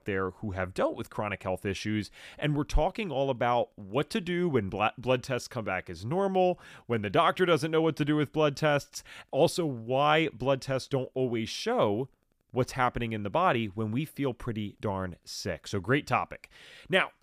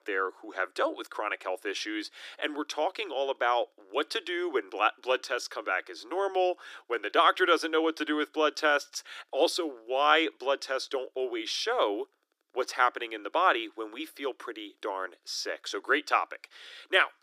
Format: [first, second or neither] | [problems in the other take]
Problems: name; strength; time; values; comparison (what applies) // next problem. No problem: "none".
first | thin; very; fading below 300 Hz